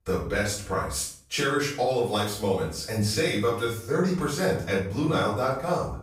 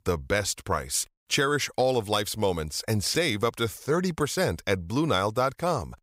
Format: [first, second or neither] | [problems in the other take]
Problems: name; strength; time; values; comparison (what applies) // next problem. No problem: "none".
second | off-mic speech; far // room echo; noticeable; dies away in 0.5 s